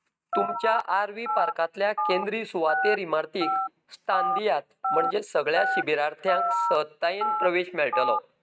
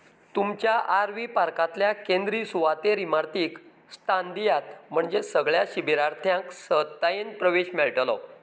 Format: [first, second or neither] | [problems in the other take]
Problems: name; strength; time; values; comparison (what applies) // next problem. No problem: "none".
second | noise reduction (neural mask model RNNoise)